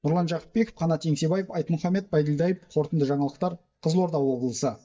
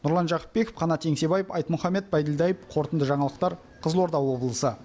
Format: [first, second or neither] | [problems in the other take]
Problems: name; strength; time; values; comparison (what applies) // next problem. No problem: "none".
second | noise reduction (neural mask model DeepFilterNet 3)